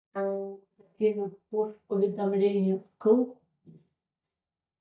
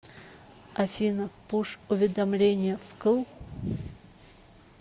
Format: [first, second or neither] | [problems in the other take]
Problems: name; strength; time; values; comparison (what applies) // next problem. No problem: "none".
second | noise reduction (neural mask model DeepFilterNet 3)